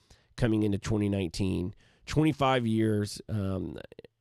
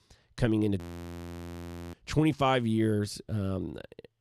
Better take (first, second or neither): first